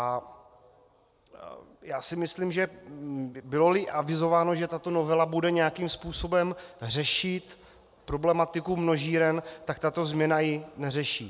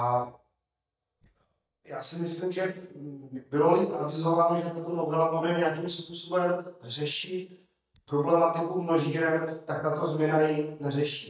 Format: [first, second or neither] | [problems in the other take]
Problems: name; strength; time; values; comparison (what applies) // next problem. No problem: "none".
first | noise reduction (neural mask model DeepFilterNet 3)